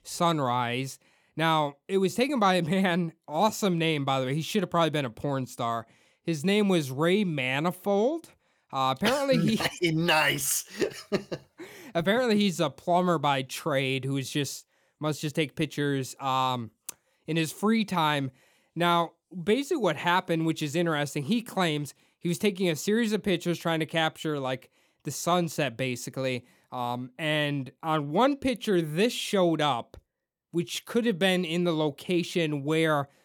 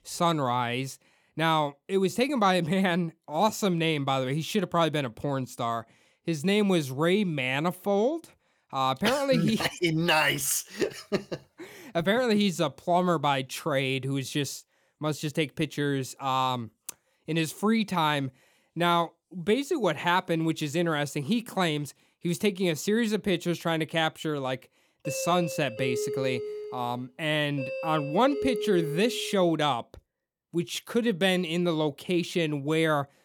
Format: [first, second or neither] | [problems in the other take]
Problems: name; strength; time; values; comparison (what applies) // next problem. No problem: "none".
first | doorbell; noticeable; from 25 to 29 s; peak 4 dB below the speech